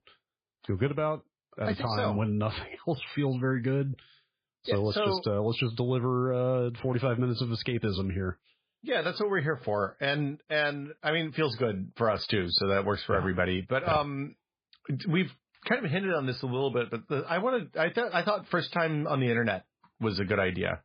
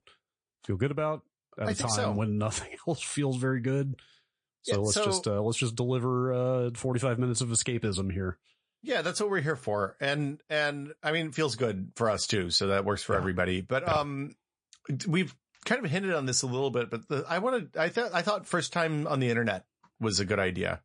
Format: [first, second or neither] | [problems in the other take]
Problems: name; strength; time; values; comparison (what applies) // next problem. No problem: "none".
second | garbled, watery; badly; nothing above 4 kHz; slightly in the second